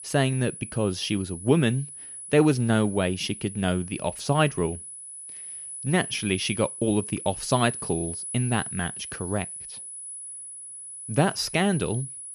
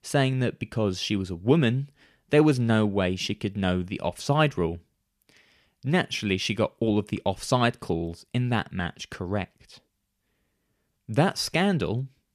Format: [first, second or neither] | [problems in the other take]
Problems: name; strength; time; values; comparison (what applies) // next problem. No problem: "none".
second | high-pitched whine; loud; throughout; 10 kHz, 9 dB below the speech